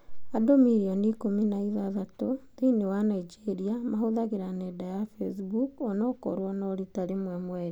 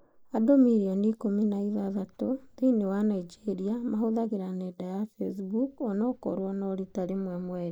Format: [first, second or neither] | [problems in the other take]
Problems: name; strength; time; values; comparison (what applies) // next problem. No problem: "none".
first | noise reduction (neural mask model Resemble Enhance denoiser)